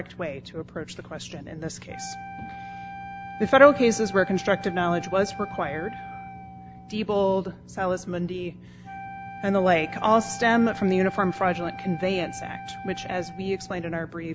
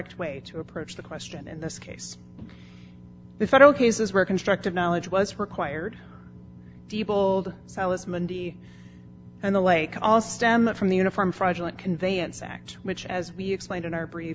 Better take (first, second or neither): second